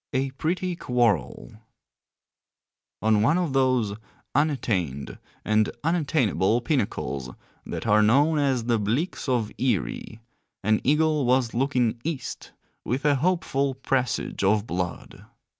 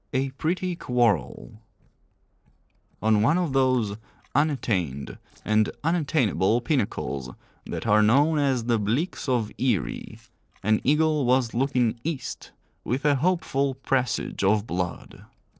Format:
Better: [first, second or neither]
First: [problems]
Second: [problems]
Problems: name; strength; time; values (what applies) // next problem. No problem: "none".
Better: first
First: none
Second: noise reduction (neural separator model SepFormer DNS4)